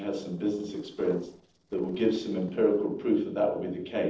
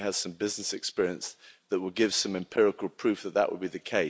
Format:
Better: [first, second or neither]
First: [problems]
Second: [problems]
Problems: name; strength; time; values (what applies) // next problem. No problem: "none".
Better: second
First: noise reduction (neural separator model SepFormer DNS4)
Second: none